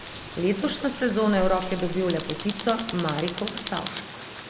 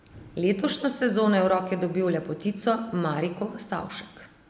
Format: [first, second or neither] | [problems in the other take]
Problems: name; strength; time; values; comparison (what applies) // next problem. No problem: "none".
second | background sound (Rain + Tools); 9 dB below the speech